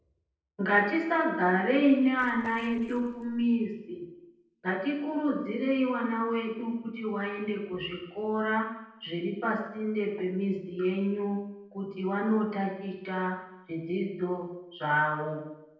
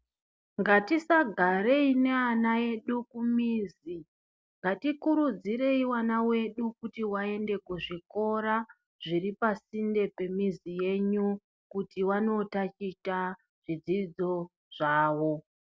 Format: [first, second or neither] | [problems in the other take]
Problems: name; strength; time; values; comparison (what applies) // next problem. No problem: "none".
second | noise reduction (neural separator model SepFormer DNS4)